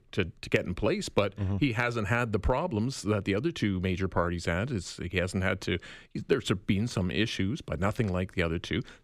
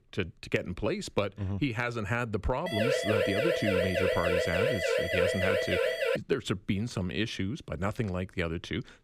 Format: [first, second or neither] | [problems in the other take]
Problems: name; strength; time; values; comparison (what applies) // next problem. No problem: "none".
first | siren; loud; from 2.5 to 6 s; peak 5 dB above the speech